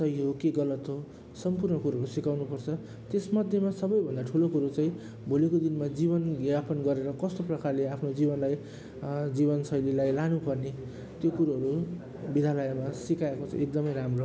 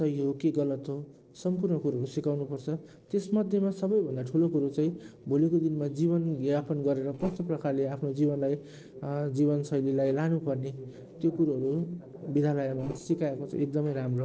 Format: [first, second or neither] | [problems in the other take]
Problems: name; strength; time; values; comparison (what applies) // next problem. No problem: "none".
first | noise reduction (neural separator model SepFormer DNS4)